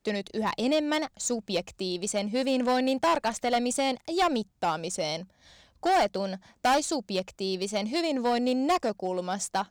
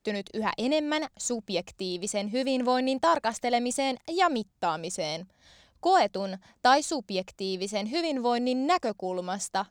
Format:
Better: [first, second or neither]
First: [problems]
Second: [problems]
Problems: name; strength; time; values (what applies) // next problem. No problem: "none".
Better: second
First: distortion; slight; 4% of the sound clipped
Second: none